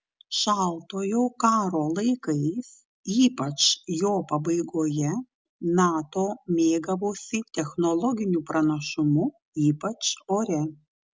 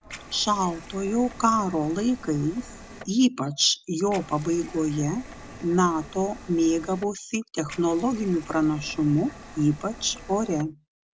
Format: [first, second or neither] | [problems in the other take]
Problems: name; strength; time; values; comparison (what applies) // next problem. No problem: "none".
first | background sound (Liquid); 17 dB below the speech